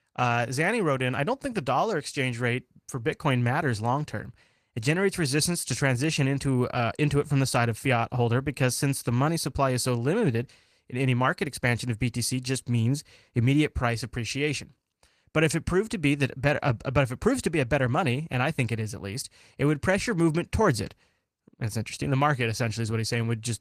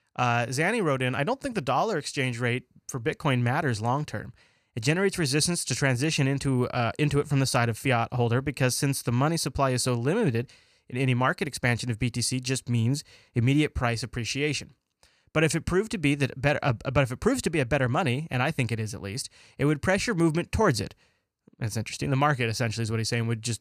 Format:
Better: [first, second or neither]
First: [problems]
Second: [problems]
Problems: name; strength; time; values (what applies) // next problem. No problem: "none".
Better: second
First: garbled, watery; slightly; nothing above 14.5 kHz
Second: none